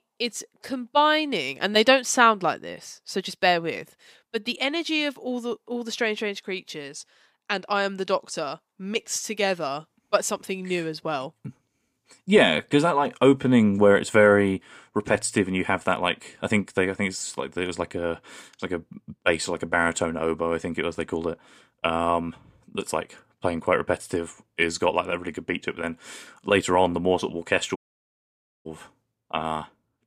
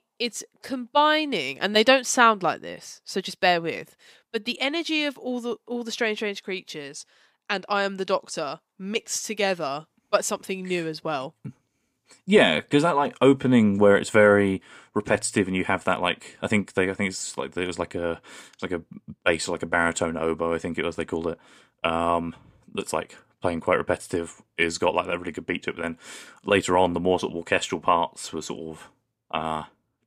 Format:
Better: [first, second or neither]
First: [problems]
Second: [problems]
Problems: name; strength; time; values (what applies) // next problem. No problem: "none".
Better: second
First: audio cutting out; at 28 s for 1 s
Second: none